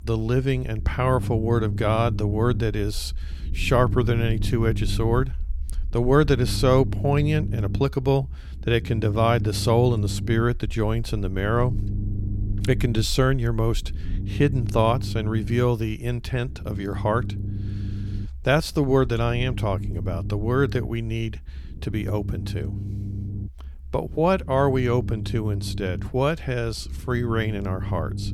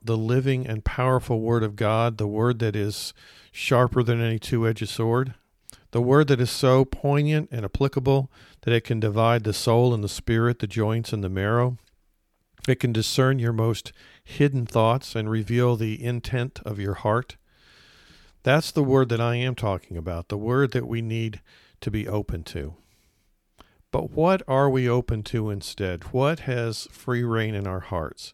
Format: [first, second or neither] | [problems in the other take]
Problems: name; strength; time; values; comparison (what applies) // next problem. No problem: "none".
second | low rumble; noticeable; throughout; 15 dB below the speech